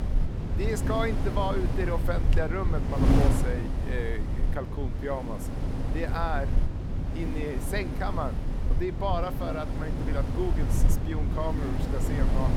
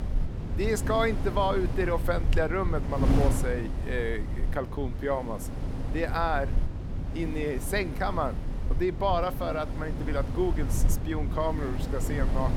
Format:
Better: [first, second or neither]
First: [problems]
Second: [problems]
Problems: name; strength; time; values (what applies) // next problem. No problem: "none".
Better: second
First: wind noise on the microphone; heavy; 4 dB below the speech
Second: wind noise on the microphone; occasional gusts; 10 dB below the speech